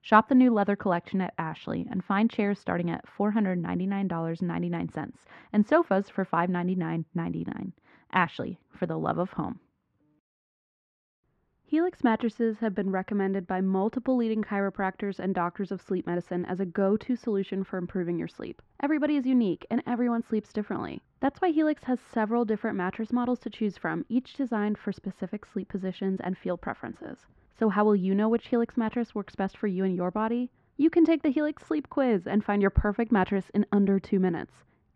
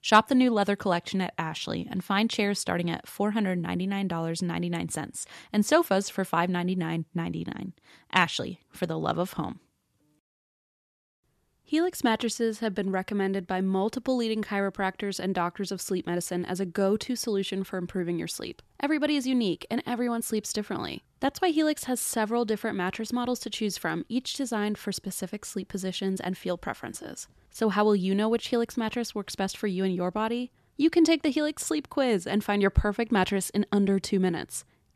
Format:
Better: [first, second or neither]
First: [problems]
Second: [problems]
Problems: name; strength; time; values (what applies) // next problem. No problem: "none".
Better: second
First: muffled; very; fading above 1.5 kHz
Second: none